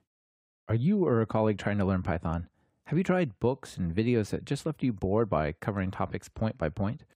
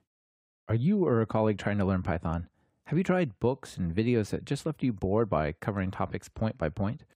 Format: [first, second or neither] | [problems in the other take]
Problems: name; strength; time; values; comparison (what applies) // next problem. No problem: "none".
neither | none